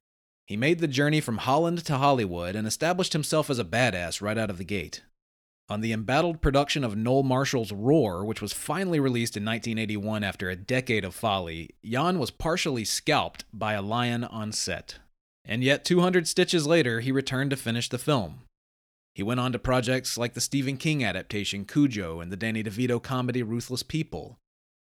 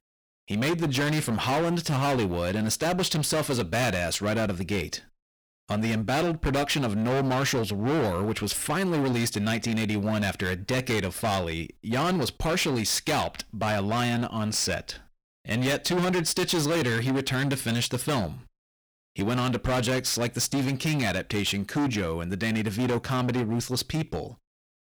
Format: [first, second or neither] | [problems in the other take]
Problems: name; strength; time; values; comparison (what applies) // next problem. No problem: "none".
first | distortion; heavy; 23% of the sound clipped